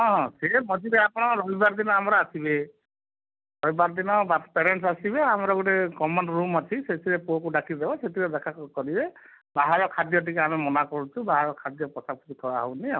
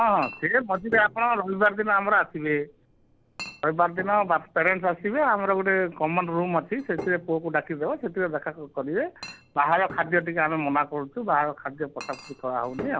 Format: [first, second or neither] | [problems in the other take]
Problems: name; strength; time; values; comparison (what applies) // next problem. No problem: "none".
first | background sound (Chink, clink); 19 dB below the speech